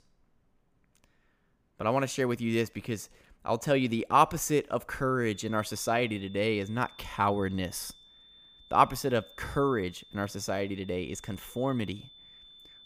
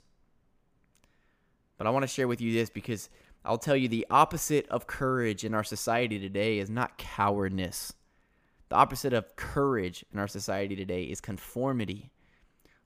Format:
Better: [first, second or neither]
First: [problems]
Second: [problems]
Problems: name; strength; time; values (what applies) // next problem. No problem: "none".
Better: second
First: high-pitched whine; faint; from 5.5 s on; 3.5 kHz, 20 dB below the speech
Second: none